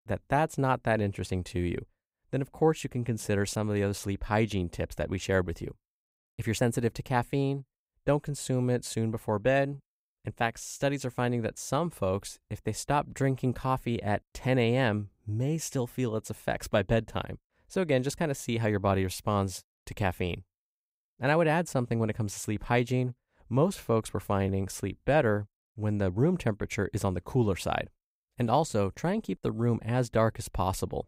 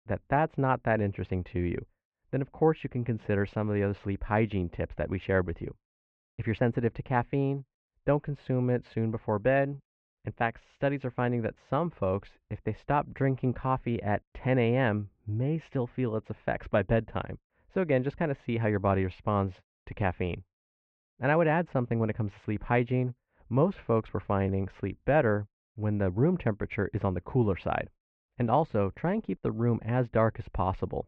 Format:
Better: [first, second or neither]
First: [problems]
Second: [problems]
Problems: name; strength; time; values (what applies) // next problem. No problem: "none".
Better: first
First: none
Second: muffled; very; fading above 2.5 kHz